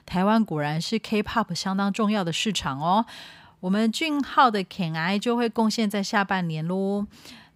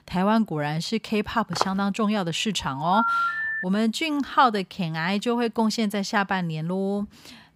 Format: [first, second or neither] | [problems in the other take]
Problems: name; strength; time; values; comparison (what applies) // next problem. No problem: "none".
first | footsteps; noticeable; at 1.5 s; peak 5 dB below the speech // phone ringing; loud; from 2.5 to 3.5 s; peak 2 dB above the speech